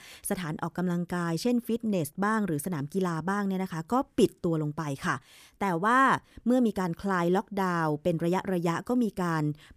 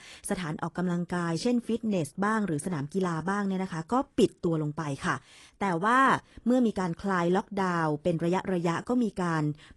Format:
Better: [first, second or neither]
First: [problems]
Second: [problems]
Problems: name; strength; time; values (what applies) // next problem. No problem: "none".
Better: first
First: none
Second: garbled, watery; slightly; nothing above 10.5 kHz